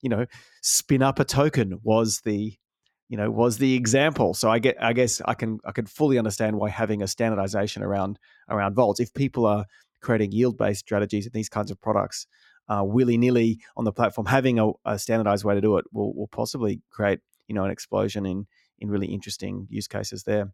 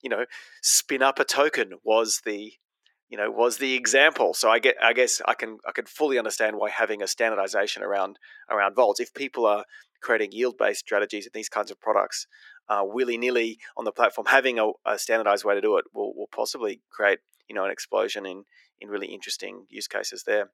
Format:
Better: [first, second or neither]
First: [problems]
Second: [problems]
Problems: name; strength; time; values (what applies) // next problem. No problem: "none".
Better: first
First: none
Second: thin; very; fading below 400 Hz